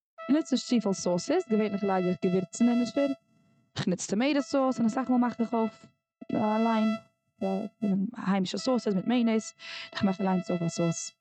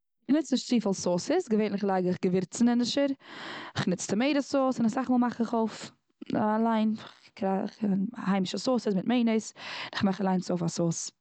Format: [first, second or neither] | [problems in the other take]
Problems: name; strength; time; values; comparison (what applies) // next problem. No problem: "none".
second | noise reduction (neural mask model RNNoise)